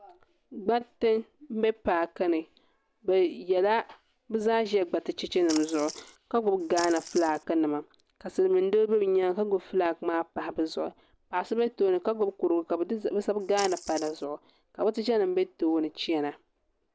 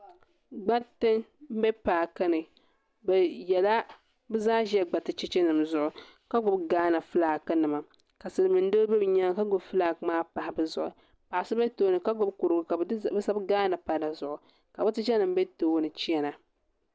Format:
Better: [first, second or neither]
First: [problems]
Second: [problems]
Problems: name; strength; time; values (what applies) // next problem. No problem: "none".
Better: second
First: background sound (Splash, splatter); 13 dB below the speech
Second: none